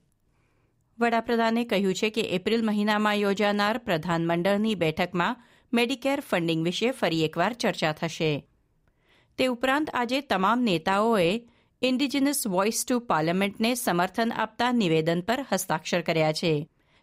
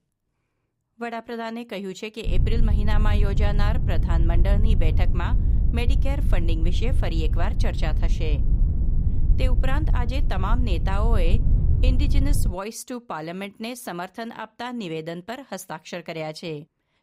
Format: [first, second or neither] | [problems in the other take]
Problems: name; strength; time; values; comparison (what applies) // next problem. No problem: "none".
first | low rumble; loud; from 2.5 to 13 s; 8 dB below the speech